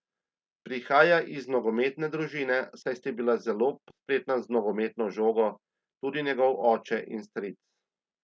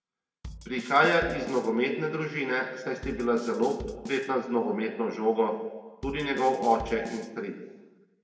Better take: first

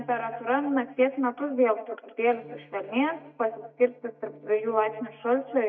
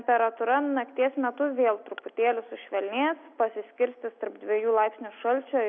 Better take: second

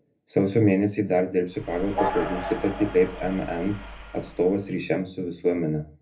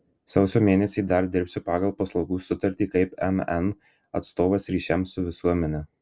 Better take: second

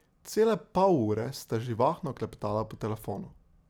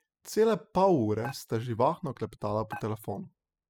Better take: first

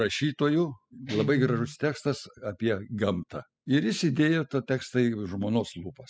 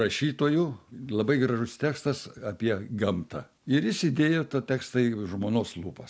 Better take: second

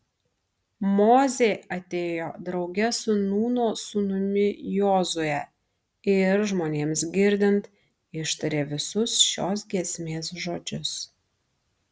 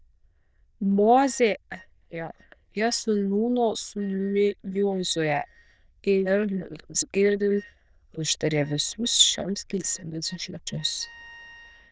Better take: first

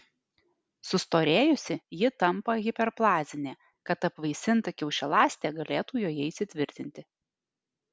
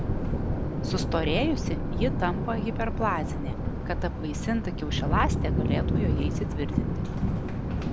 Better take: first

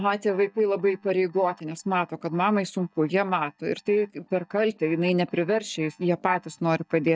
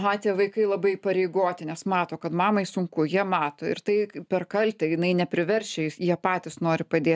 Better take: second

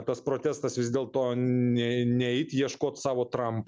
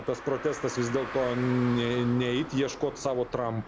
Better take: first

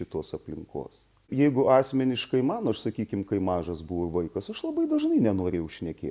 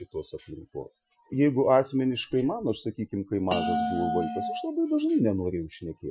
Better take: first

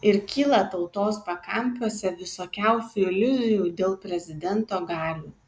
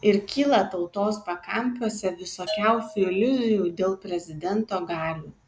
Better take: first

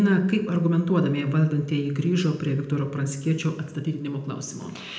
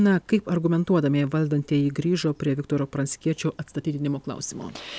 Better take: second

